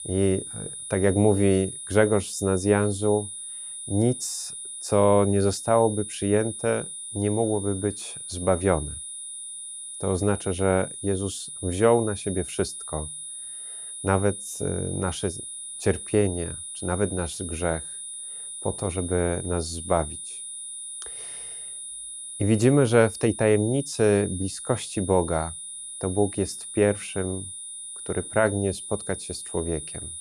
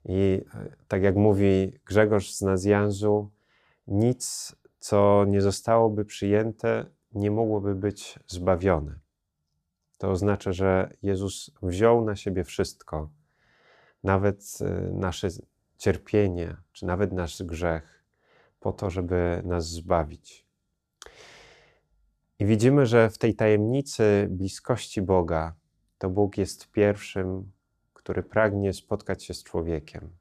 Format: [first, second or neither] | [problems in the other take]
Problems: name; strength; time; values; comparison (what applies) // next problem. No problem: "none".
second | high-pitched whine; loud; throughout; 10 kHz, 9 dB below the speech